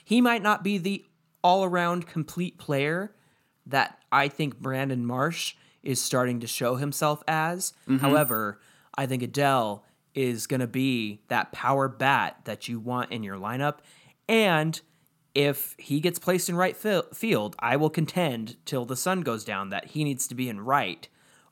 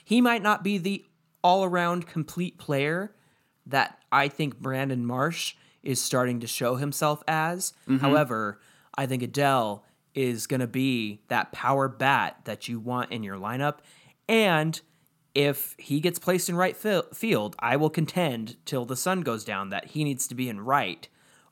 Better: second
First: jangling keys; noticeable; at 8 s; peak 3 dB below the speech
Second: none

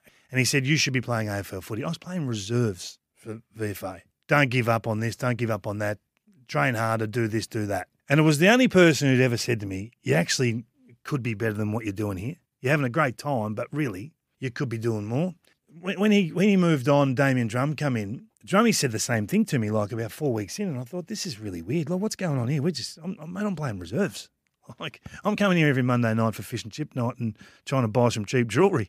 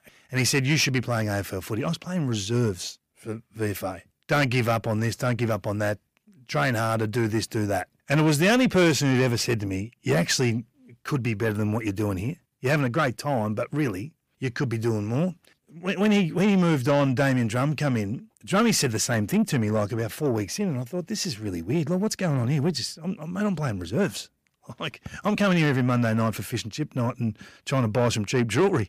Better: first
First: none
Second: distortion; slight; 10 dB below the speech

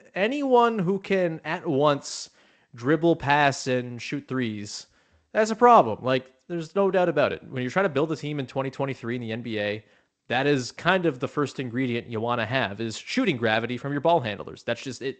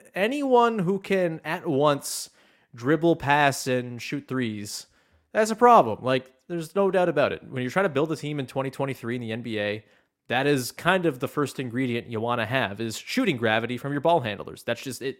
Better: second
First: garbled, watery; slightly; nothing above 8 kHz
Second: none

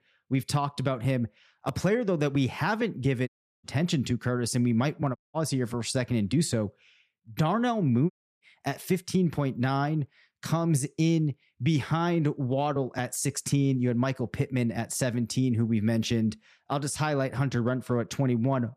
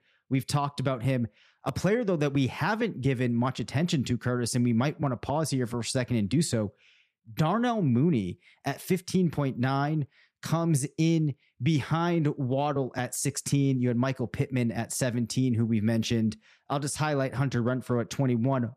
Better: second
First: audio cutting out; at 3.5 s, at 5 s and at 8 s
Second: none

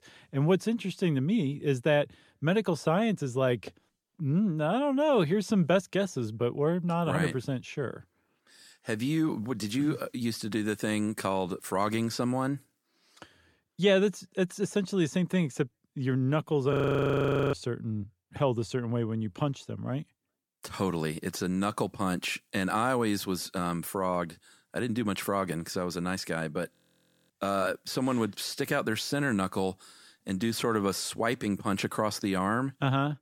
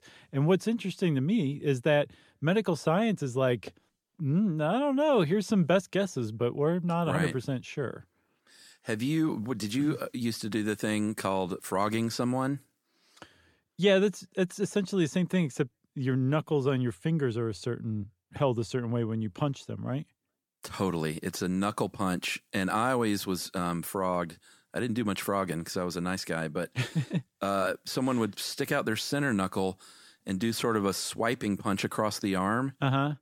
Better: second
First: audio freezing; at 17 s for 1 s and at 27 s for 0.5 s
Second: none

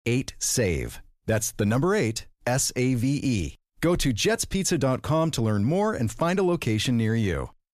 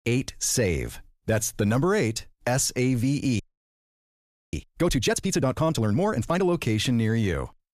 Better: first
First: none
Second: audio freezing; at 3.5 s for 1 s

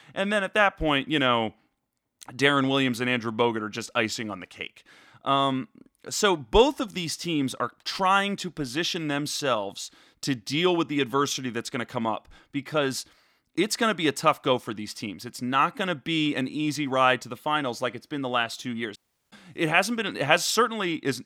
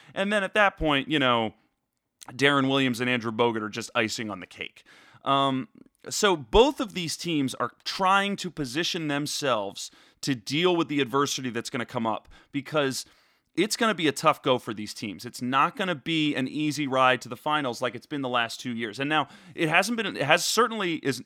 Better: second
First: audio cutting out; at 19 s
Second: none

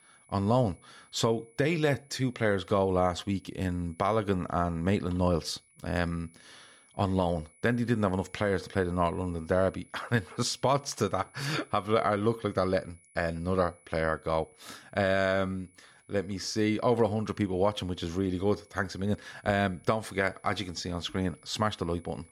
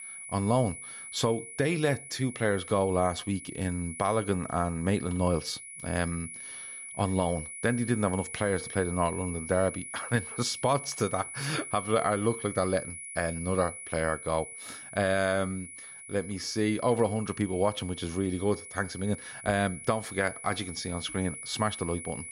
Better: first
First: high-pitched whine; faint; throughout; 10.5 kHz, 30 dB below the speech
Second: high-pitched whine; loud; throughout; 10.5 kHz, 10 dB below the speech

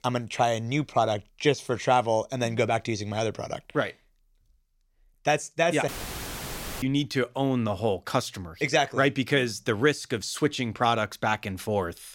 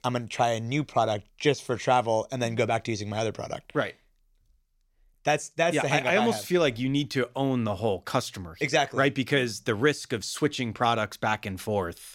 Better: second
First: audio cutting out; filled with static; at 6 s for 1 s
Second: none

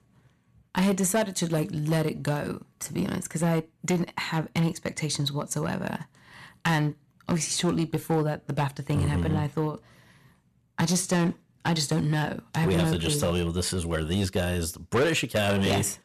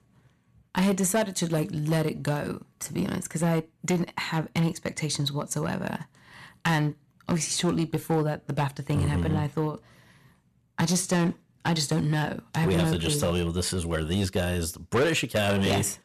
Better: neither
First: distortion; slight; 6% of the sound clipped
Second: distortion; slight; 6% of the sound clipped

